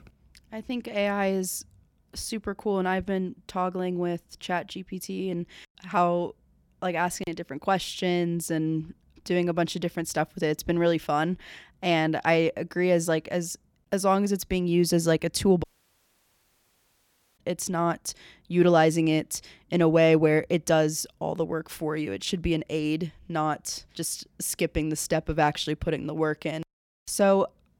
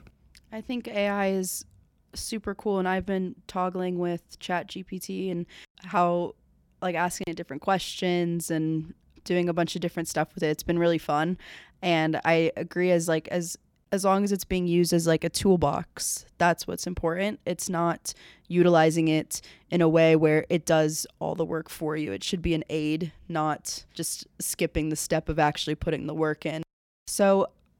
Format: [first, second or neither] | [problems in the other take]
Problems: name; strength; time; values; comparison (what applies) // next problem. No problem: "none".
second | audio cutting out; at 16 s for 1.5 s